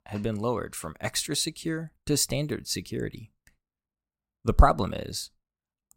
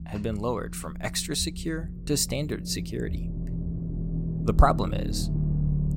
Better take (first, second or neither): first